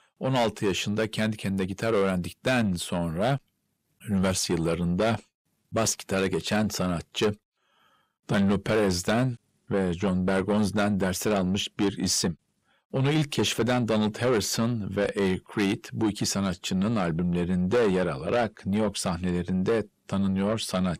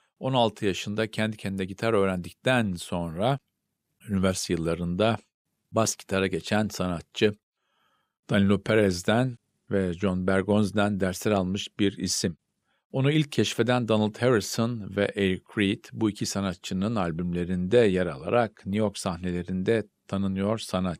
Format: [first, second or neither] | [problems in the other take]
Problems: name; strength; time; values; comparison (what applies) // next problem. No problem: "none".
second | distortion; heavy; 7 dB below the speech